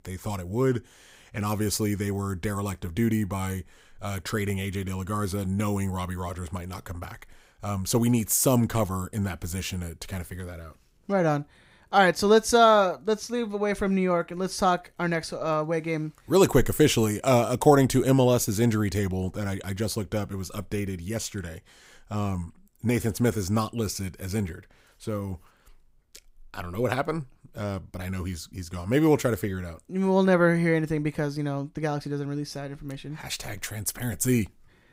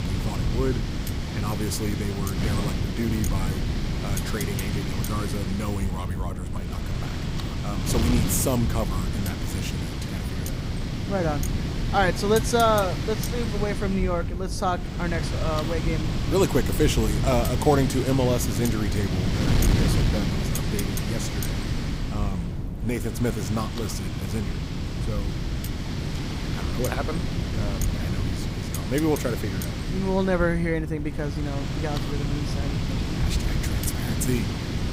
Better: first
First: none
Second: wind noise on the microphone; heavy; 5 dB below the speech

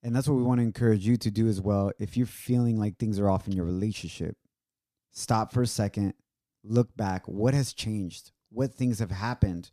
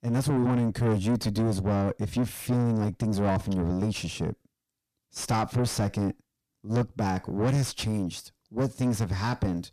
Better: first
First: none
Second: distortion; heavy; 6 dB below the speech

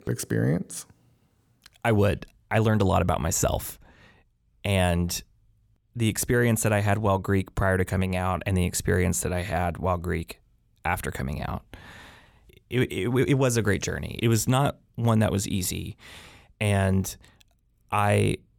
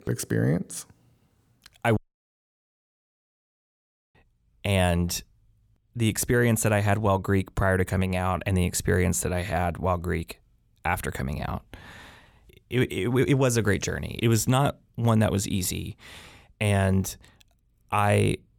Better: first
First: none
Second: audio cutting out; at 2 s for 2 s

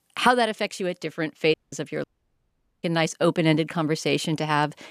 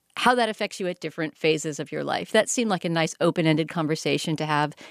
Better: second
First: audio cutting out; at 1.5 s and at 2 s for 1 s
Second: none

